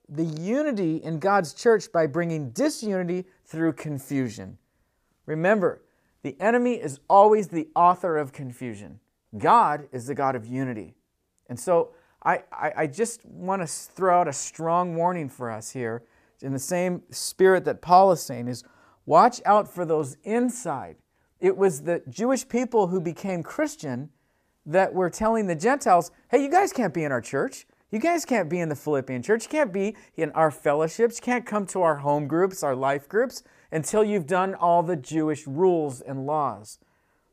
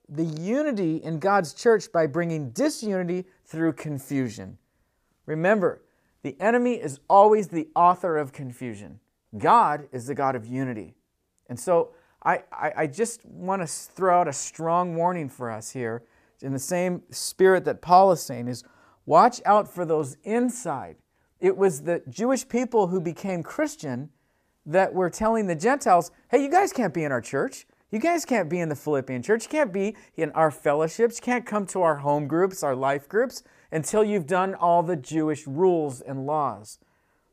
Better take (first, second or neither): neither